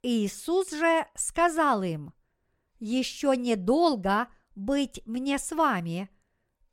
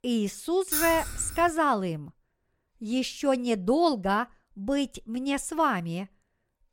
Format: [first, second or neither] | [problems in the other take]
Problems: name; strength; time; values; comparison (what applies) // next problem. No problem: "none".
first | jangling keys; noticeable; at 0.5 s; peak level with the speech